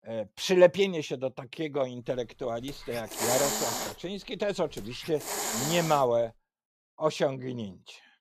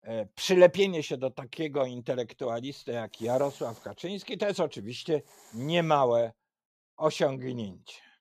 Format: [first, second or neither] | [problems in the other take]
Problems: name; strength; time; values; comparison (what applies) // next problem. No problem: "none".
second | hiss; loud; from 2 to 6.5 s; 2 dB below the speech; faint in the second